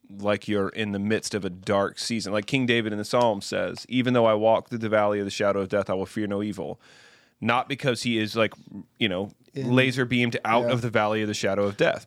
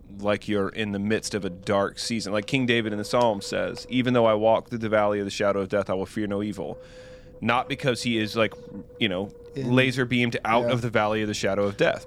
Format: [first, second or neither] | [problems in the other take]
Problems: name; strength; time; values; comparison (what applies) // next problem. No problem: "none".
first | wind noise on the microphone; occasional gusts; 25 dB below the speech